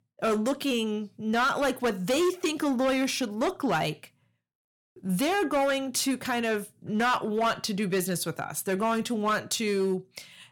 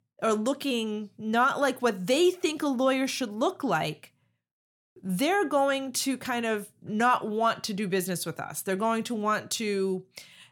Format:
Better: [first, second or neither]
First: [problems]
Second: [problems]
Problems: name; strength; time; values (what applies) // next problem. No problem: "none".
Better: second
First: distortion; slight; 9% of the sound clipped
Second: none